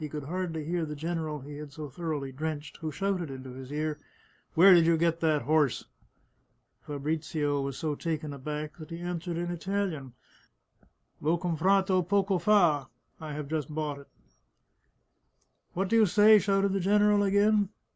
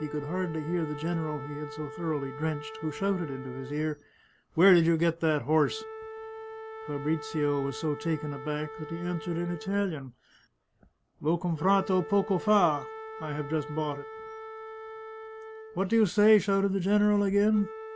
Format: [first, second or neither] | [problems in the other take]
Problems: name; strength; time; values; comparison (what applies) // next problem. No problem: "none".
first | background sound (Wind instrument, woodwind instrument); 14 dB below the speech